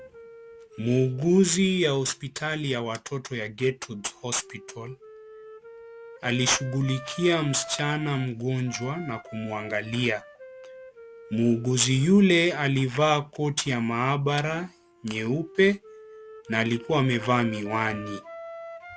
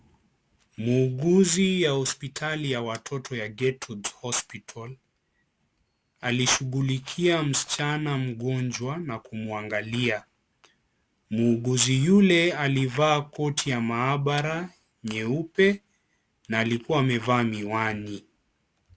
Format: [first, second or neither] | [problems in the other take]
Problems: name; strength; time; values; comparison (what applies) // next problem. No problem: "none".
second | background sound (Wind instrument, woodwind instrument); 19 dB below the speech